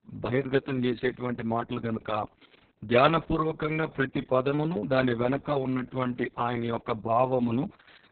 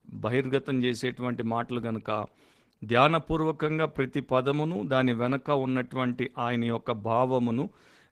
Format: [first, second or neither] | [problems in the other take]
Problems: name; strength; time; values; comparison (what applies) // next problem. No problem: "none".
second | garbled, watery; badly; nothing above 4 kHz; slightly in the second